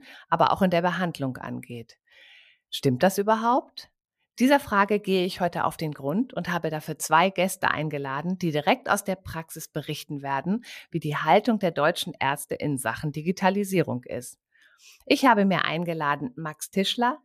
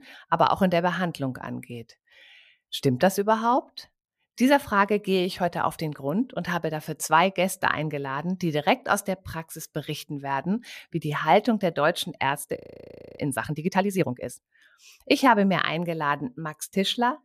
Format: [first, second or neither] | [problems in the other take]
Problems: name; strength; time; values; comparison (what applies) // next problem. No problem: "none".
first | audio freezing; at 13 s for 0.5 s